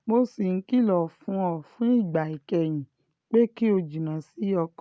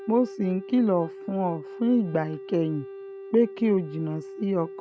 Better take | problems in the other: first | background sound (Wind instrument, woodwind instrument); 14 dB below the speech

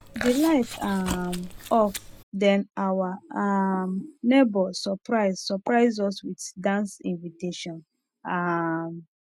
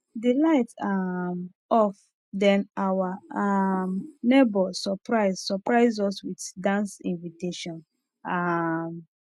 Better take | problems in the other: second | background sound (Chewing, mastication); 11 dB below the speech

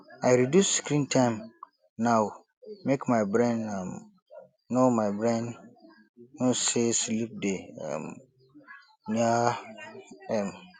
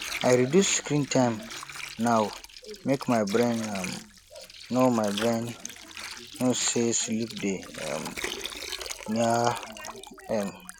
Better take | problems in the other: first | background sound (Water); 12 dB below the speech

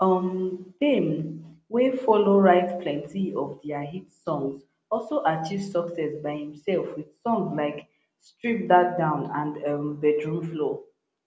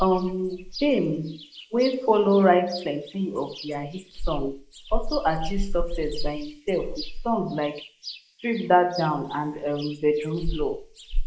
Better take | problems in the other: first | noise reduction (neural mask model Resemble Enhance denoiser)

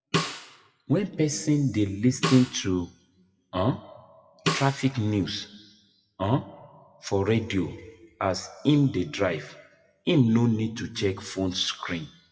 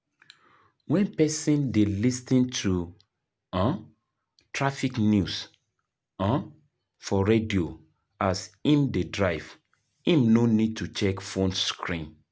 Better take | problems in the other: second | noise reduction (classical method WPE with log-MMSE)

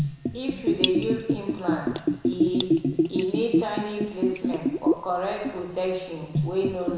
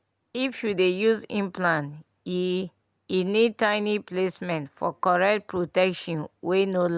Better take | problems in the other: second | background sound (Bathtub (filling or washing) / Gurgling); 3 dB above the speech // room echo; dies away in 1 s

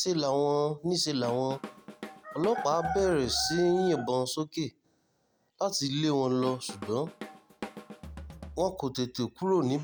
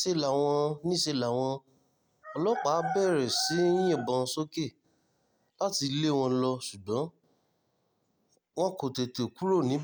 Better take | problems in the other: second | background sound (Drum kit); 15 dB below the speech

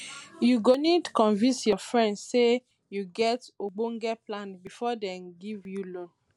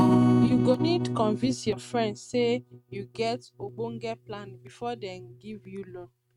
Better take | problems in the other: first | noise reduction (neural mask model RNNoise)

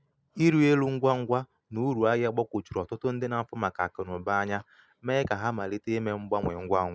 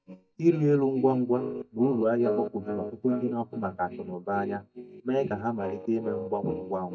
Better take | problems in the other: first | noise reduction (neural mask model DeepFilterNet 3)

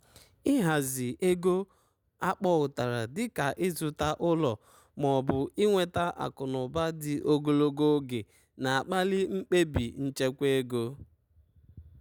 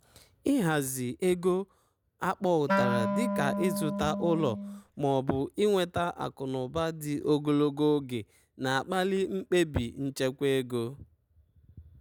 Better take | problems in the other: first | background sound (Wind instrument, woodwind instrument); 2 dB below the speech

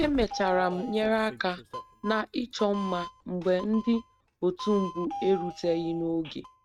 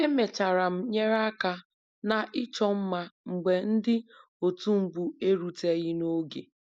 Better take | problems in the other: second | noise reduction (neural mask model RNNoise)

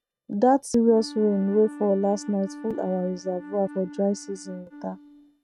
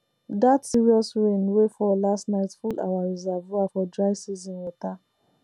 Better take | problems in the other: second | noise reduction (neural mask model RNNoise)

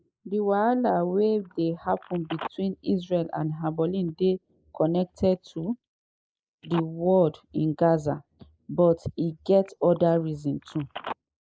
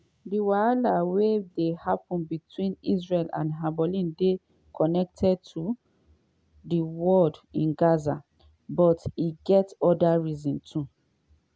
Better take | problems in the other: second | noise reduction (neural mask model Resemble Enhance denoiser)

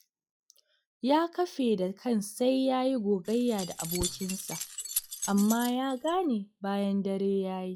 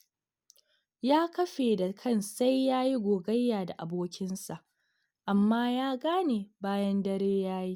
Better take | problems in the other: second | noise reduction (classical method log-MMSE)

